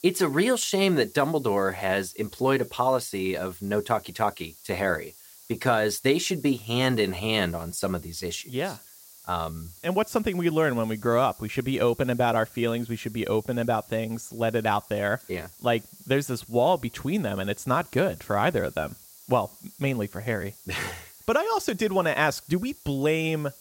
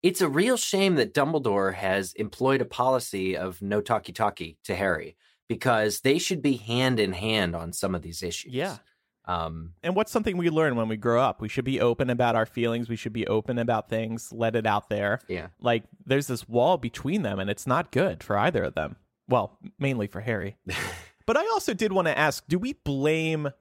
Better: second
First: hiss; faint; throughout; 20 dB below the speech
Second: none

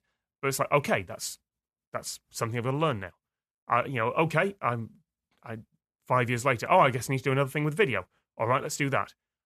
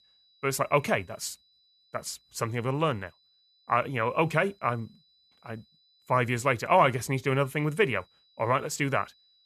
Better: first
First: none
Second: high-pitched whine; faint; throughout; 4 kHz, 35 dB below the speech

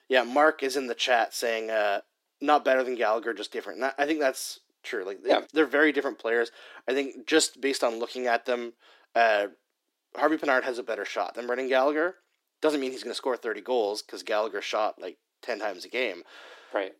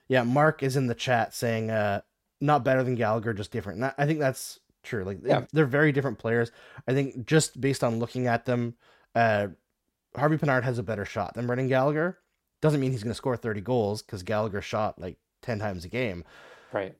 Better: second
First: thin; somewhat; fading below 300 Hz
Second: none

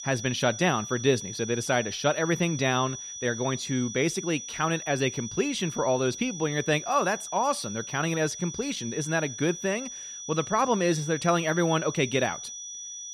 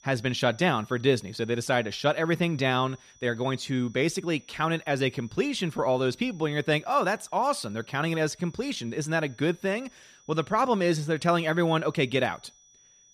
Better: second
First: high-pitched whine; loud; throughout; 6 kHz, 9 dB below the speech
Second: high-pitched whine; faint; throughout; 6 kHz, 30 dB below the speech

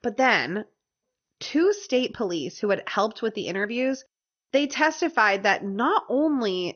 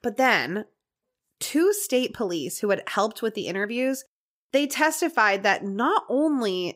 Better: second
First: garbled, watery; slightly; nothing above 6.5 kHz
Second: none

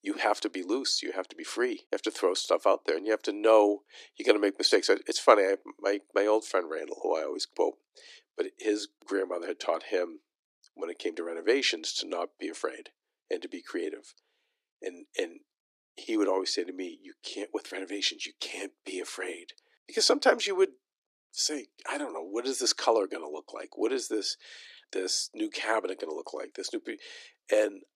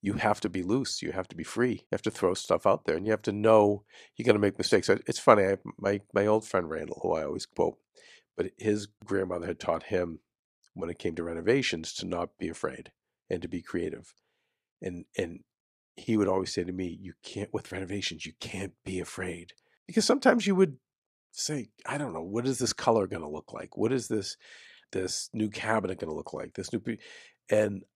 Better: second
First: thin; somewhat; fading below 300 Hz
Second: none

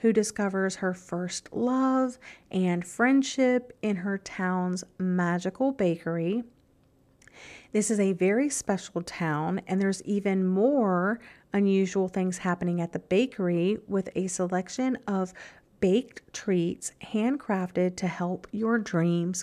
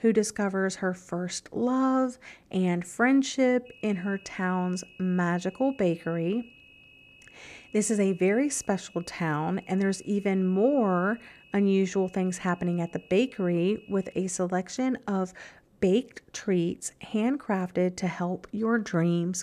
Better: first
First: none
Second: high-pitched whine; faint; from 3.5 to 14 s; 2.5 kHz, 25 dB below the speech

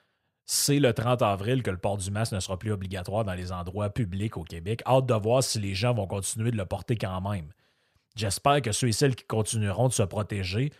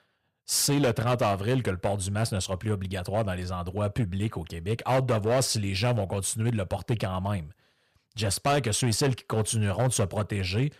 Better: first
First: none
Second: distortion; slight; 6% of the sound clipped

